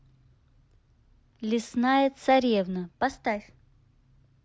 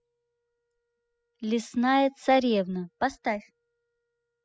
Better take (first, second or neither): first